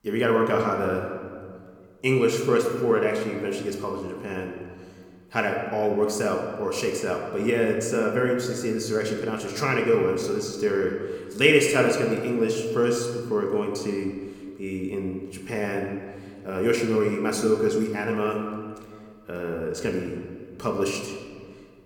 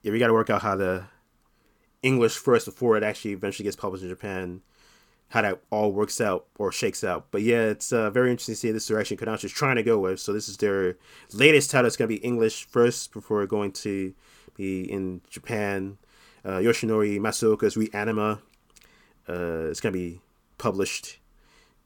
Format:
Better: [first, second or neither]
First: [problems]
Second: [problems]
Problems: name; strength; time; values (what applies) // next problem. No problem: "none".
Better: second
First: room echo; slight; dies away in 1.5 s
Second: none